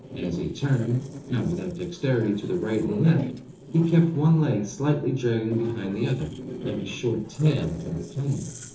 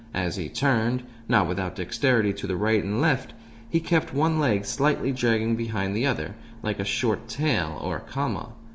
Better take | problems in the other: second | noise reduction (neural separator model SepFormer DNS4)

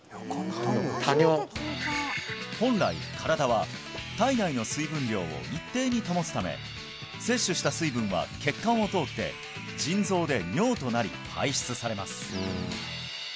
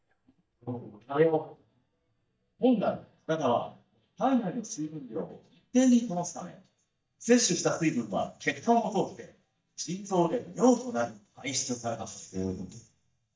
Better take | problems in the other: first | noise reduction (neural mask model DeepFilterNet 3)

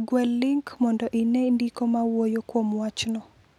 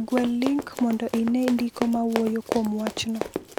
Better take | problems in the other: first | background sound (Run); 8 dB below the speech

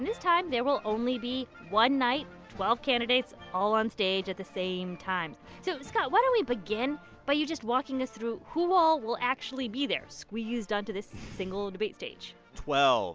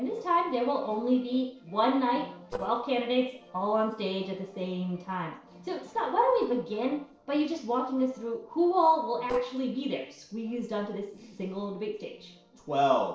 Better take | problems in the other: first | noise reduction (neural separator model SepFormer DNS4)

